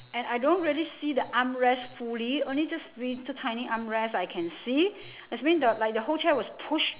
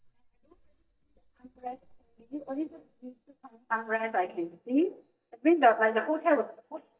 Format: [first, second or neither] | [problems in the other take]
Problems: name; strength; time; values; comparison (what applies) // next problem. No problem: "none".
first | noise reduction (neural mask model DeepFilterNet 3)